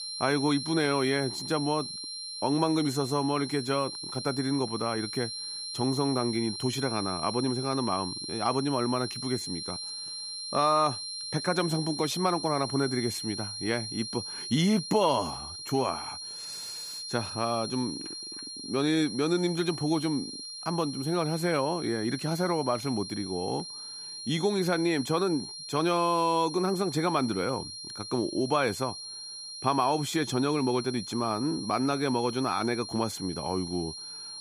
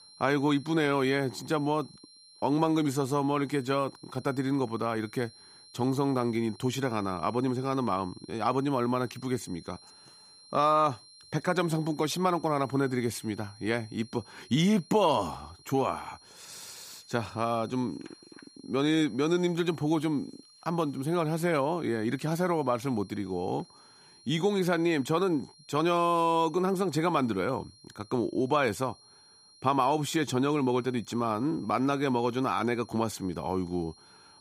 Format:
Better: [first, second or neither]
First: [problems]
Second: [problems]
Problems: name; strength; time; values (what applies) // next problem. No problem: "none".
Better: second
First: high-pitched whine; loud; throughout; 4 kHz, 7 dB below the speech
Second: high-pitched whine; faint; throughout; 4 kHz, 25 dB below the speech